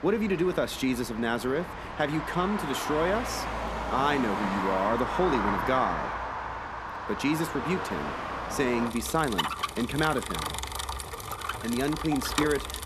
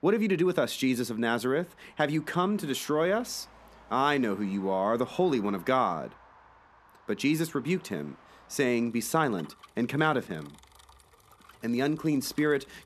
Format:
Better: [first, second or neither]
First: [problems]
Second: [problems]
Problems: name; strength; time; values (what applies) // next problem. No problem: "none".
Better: second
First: traffic noise; loud; throughout; 4 dB below the speech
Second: traffic noise; faint; throughout; 25 dB below the speech